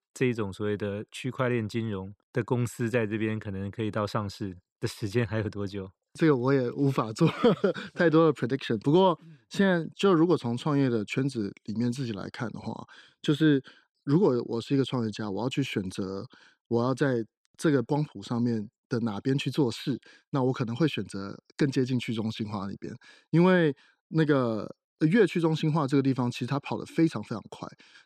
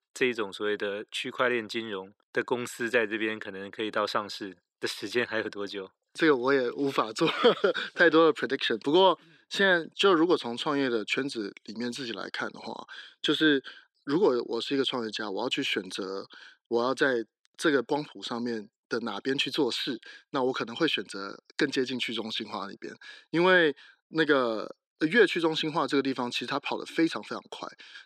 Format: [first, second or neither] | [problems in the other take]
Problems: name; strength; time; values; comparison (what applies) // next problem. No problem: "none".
first | thin; somewhat; fading below 400 Hz